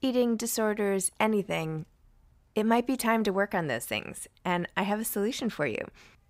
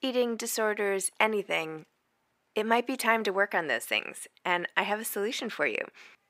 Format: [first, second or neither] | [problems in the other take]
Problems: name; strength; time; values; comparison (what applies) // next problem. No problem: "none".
first | thin; somewhat; fading below 350 Hz